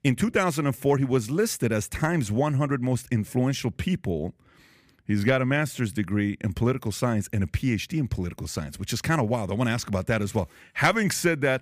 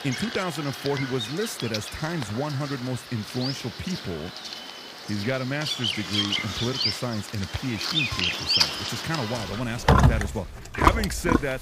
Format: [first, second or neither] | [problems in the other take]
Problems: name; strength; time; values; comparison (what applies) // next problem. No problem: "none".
first | animal sounds; very loud; throughout; 4 dB above the speech